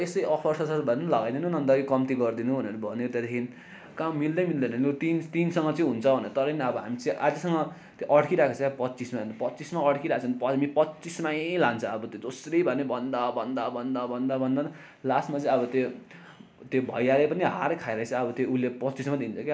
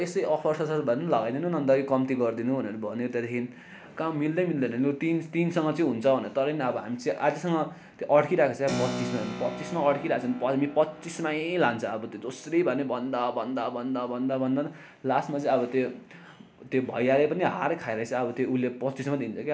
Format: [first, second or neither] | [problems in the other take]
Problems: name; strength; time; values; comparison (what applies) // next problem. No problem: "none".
first | background sound (Keyboard (musical)); 16 dB below the speech